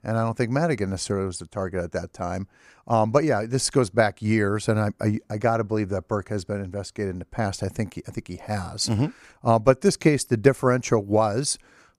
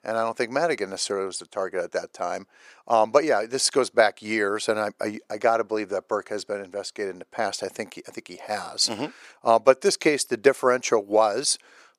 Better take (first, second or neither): first